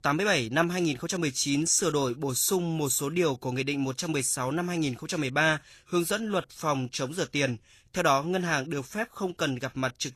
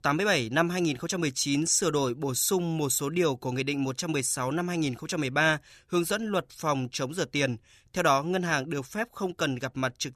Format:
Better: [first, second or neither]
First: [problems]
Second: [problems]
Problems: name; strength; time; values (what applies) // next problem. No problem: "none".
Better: second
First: garbled, watery; slightly; nothing above 13 kHz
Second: none